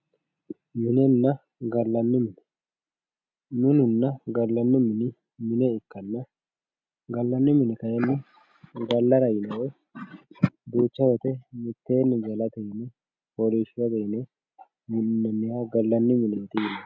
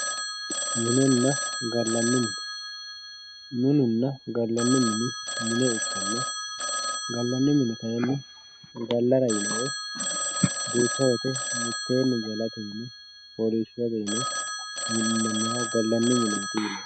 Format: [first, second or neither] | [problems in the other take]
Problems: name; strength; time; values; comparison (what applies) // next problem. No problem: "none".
first | background sound (Telephone); 4 dB below the speech